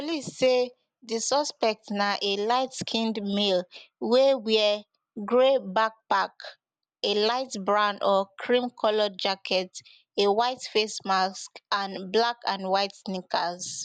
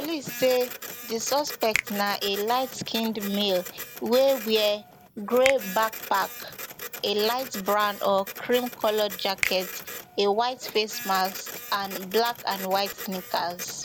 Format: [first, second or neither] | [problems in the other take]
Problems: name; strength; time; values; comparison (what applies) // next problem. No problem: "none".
first | background sound (Finger snapping + Printer); 10 dB below the speech